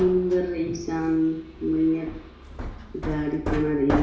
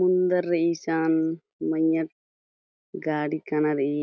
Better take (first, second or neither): second